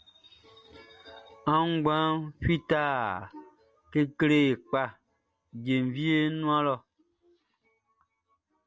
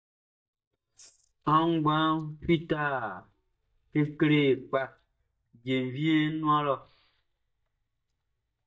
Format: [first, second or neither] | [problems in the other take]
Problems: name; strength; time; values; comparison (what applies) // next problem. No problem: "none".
first | noise reduction (neural mask model DeepFilterNet 3)